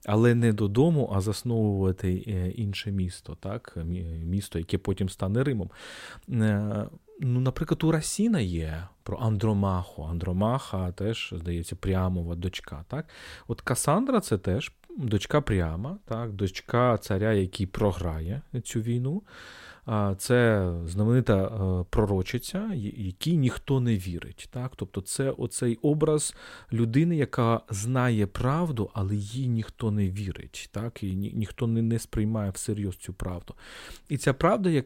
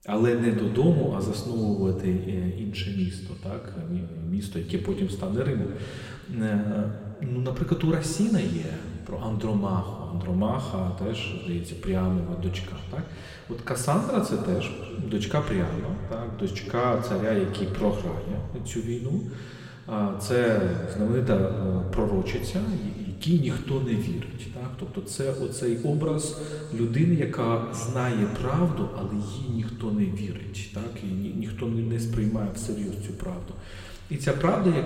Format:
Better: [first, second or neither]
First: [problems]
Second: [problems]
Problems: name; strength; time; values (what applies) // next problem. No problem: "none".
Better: first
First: none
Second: room echo; noticeable; dies away in 2.1 s // off-mic speech; somewhat distant